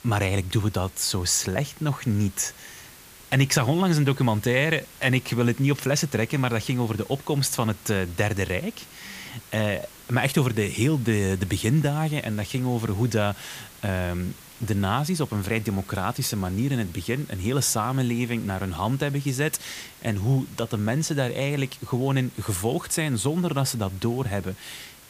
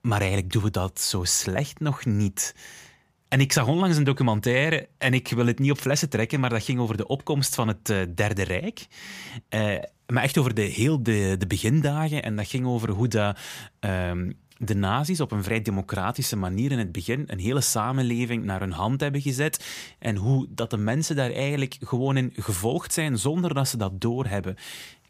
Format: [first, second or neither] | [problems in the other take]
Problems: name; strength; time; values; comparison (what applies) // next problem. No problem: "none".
second | hiss; faint; throughout; 20 dB below the speech